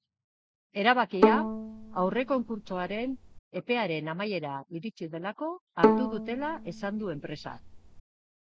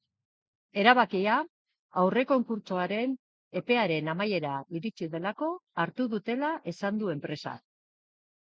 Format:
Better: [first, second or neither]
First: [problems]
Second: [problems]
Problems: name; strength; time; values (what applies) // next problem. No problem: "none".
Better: second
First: background sound (Bowed string instrument); 3 dB above the speech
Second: none